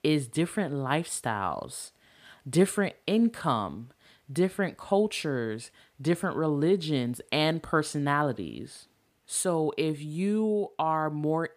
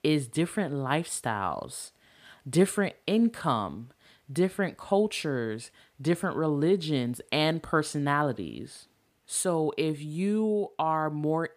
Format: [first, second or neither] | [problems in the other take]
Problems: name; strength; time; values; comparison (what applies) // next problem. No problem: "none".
neither | none